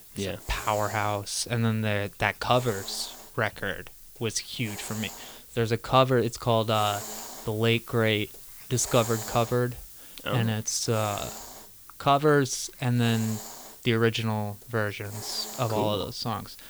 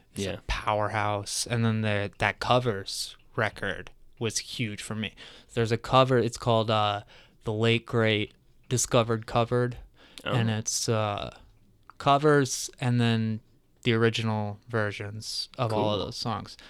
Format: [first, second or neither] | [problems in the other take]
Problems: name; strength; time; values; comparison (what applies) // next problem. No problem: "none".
second | hiss; noticeable; throughout; 15 dB below the speech